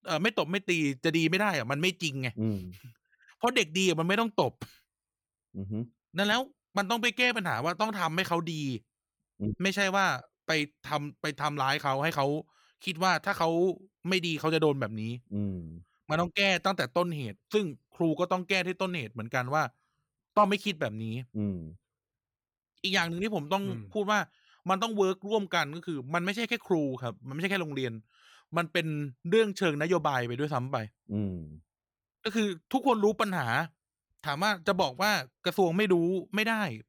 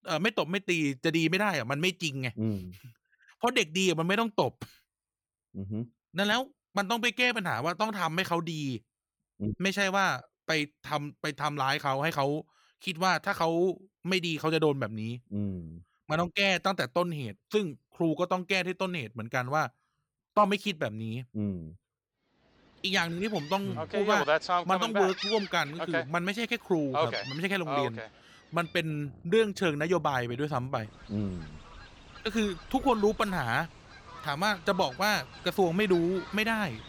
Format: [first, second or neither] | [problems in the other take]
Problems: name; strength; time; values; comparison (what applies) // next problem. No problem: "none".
first | animal sounds; loud; from 23 s on; 5 dB below the speech